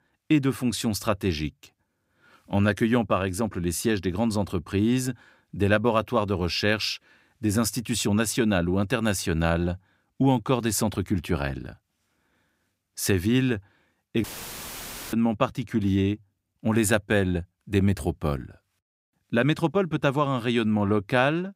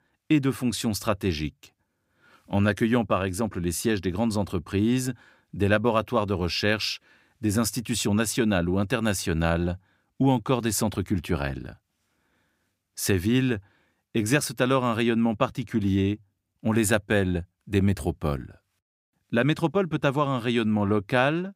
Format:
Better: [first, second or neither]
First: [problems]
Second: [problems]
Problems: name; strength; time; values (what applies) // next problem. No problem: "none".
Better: second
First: audio cutting out; filled with static; at 14 s for 1 s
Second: none